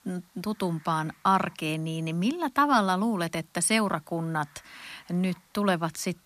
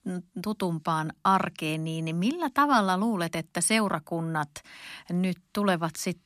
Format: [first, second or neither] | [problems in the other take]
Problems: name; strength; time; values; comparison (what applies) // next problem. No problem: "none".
second | hiss; faint; throughout; 30 dB below the speech